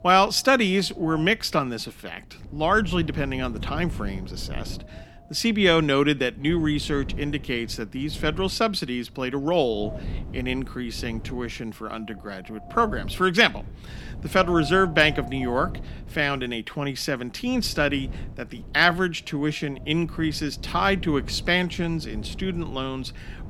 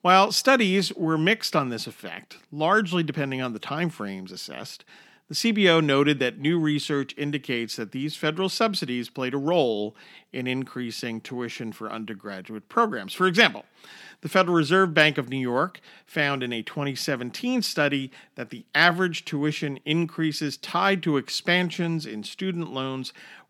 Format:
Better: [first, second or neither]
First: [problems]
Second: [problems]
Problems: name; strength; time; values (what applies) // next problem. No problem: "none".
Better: second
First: wind noise on the microphone; occasional gusts; 20 dB below the speech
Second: none